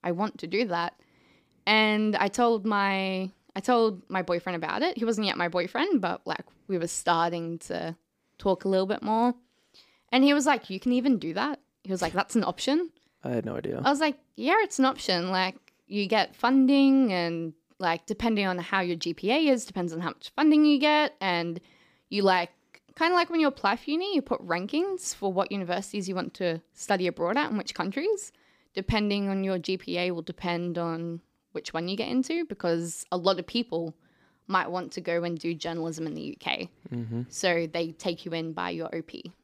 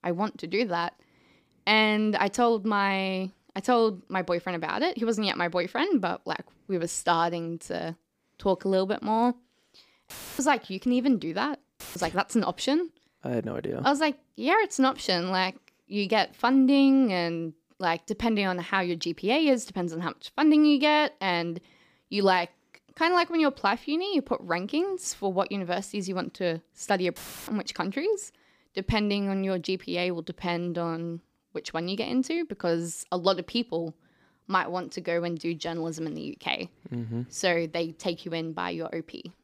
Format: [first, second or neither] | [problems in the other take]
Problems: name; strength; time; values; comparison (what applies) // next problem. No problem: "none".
first | audio cutting out; filled with static; at 10 s, at 12 s and at 27 s